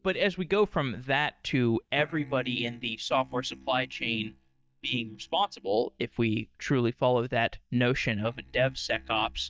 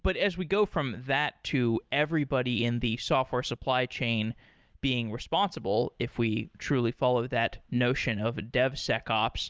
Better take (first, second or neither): second